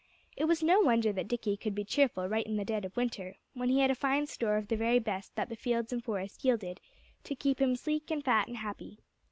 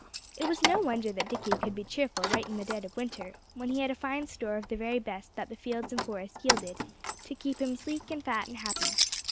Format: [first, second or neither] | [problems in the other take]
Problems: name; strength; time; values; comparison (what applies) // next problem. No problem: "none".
first | background sound (Keys jangling); 1 dB below the speech